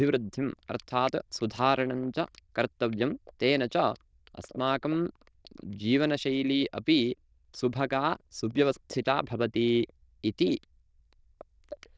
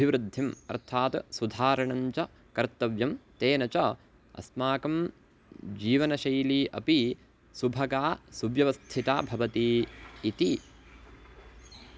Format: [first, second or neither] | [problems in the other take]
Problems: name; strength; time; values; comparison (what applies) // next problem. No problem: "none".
second | noise reduction (neural diffusion model UNIVERSE++)